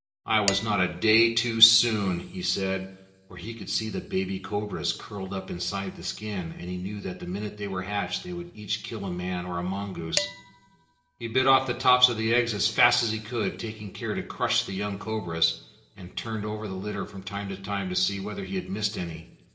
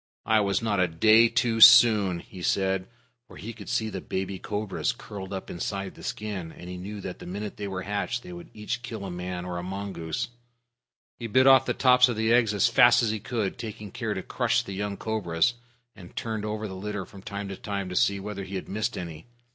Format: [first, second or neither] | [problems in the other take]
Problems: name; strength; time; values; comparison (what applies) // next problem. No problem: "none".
second | background sound (Dishes, pots, and pans); 11 dB below the speech // room echo; dies away in 0.8 s